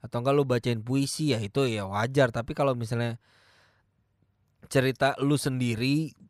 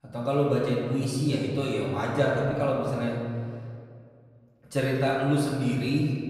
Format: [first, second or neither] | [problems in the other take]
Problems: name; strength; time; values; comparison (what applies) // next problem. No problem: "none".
first | room echo; noticeable; dies away in 1.9 s // off-mic speech; far